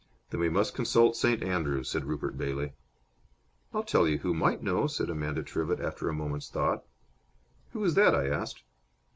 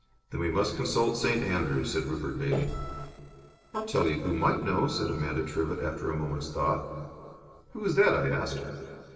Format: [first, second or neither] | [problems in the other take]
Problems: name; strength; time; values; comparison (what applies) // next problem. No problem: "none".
first | noise reduction (neural separator model SepFormer DNS4)